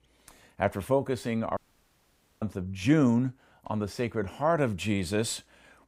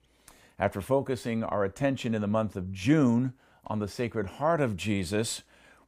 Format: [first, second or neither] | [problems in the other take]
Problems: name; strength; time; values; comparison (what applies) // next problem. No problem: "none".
second | audio cutting out; at 1.5 s for 1 s